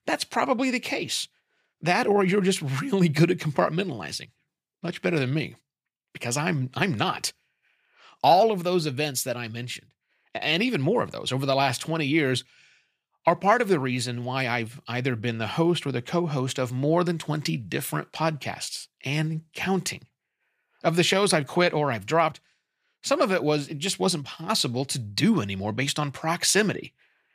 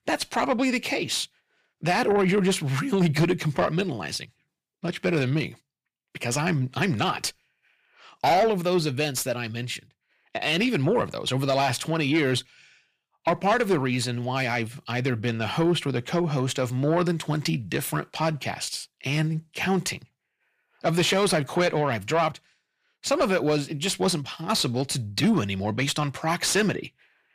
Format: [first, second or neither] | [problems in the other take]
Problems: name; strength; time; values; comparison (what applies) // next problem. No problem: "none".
first | distortion; slight; 10 dB below the speech